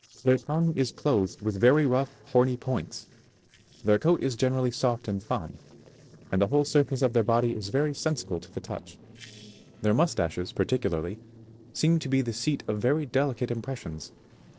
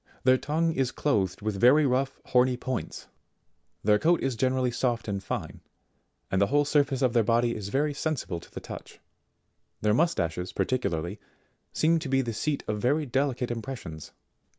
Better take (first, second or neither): second